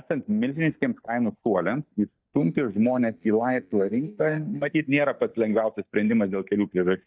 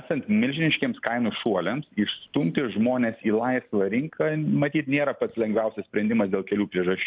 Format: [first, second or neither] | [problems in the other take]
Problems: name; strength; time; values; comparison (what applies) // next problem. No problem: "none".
second | noise reduction (neural mask model DeepFilterNet 3)